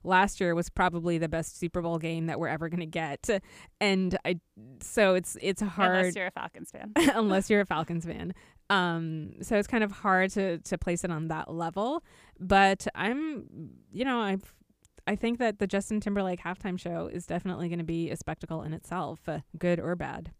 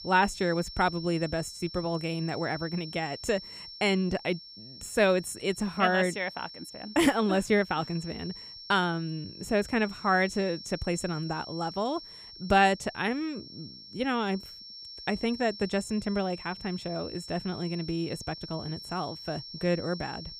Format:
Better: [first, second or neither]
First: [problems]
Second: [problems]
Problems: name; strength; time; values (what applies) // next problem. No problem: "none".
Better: first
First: none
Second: high-pitched whine; noticeable; throughout; 5.5 kHz, 15 dB below the speech